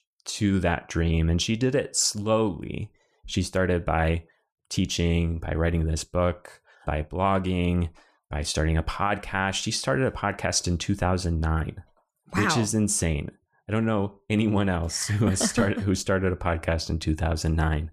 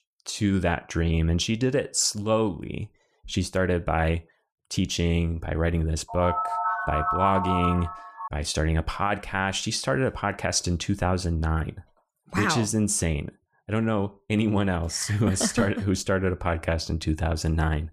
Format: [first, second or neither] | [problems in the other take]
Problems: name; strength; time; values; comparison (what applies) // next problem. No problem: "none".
first | phone ringing; loud; from 6 to 8.5 s; peak level with the speech